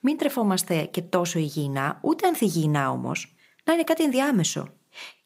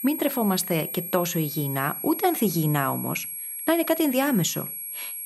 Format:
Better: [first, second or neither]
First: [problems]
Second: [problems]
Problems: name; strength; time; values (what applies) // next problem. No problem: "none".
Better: first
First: none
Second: high-pitched whine; loud; throughout; 11.5 kHz, 6 dB below the speech